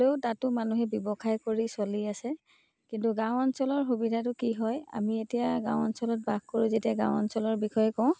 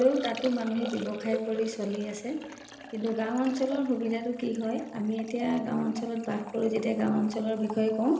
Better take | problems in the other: first | background sound (Liquid); 15 dB below the speech // room echo; dies away in 0.8 s

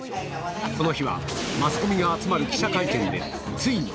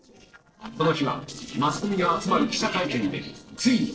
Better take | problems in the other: first | noise reduction (neural separator model SepFormer DNS4)

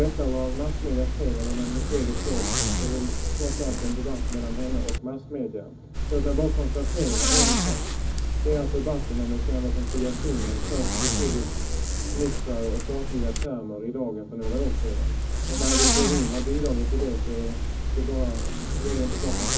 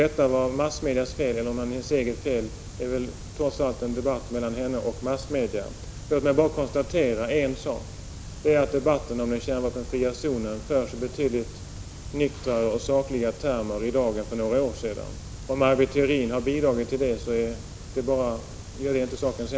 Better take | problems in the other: second | background sound (Zipper (clothing)); 4 dB above the speech // room echo; dies away in 0.4 s

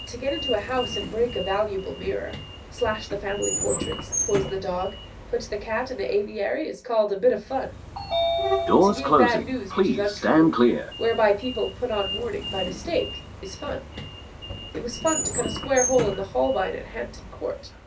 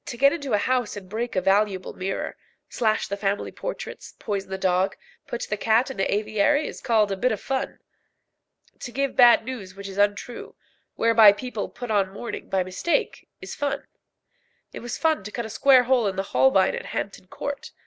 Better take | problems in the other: second | background sound (Sliding door); 1 dB below the speech // room echo; dies away in 0.3 s

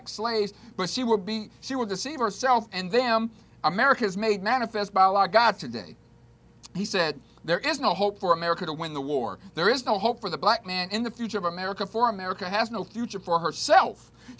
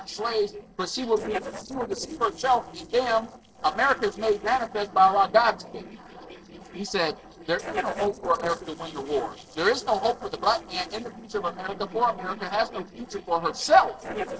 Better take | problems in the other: first | noise reduction (neural separator model SepFormer DNS4)

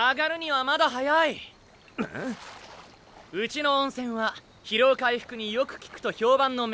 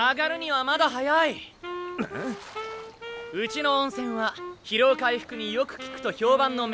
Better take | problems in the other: first | background sound (Wind instrument, woodwind instrument); 13 dB below the speech

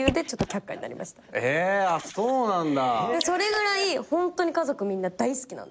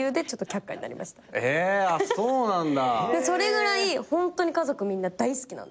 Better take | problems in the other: second | noise reduction (neural mask model Resemble Enhance denoiser)

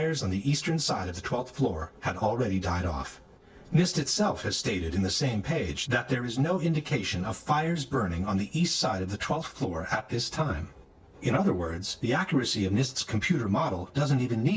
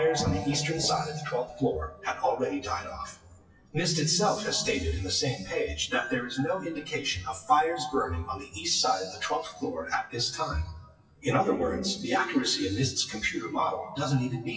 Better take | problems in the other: first | noise reduction (classical method WPE with log-MMSE)

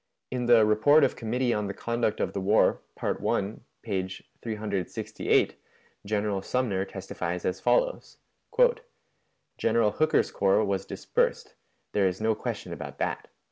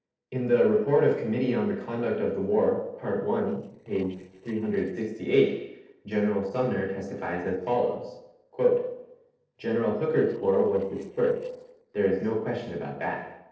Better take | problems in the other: first | noise reduction (neural separator model SepFormer DNS4)

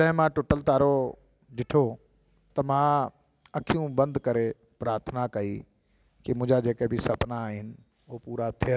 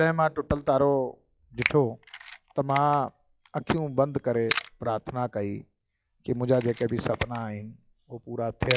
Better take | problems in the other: first | noise reduction (classical method log-MMSE)

